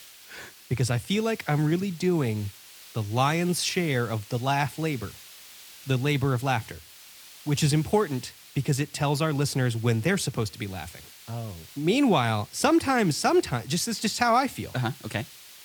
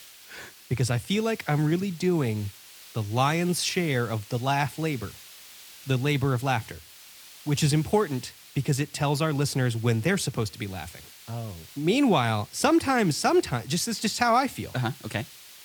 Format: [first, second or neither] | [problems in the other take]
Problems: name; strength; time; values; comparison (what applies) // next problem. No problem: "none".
neither | hiss; noticeable; throughout; 20 dB below the speech; the same in both